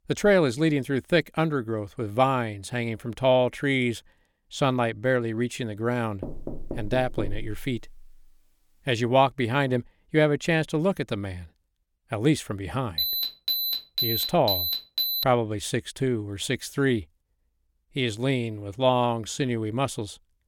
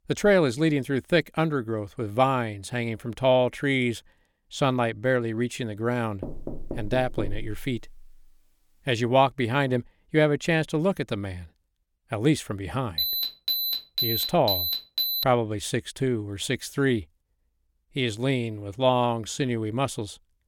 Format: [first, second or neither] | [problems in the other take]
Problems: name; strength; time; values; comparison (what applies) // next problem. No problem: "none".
neither | door banging; noticeable; from 6 to 8 s; peak 9 dB below the speech; the same in both // alarm; loud; from 13 to 15 s; peak 2 dB above the speech; the same in both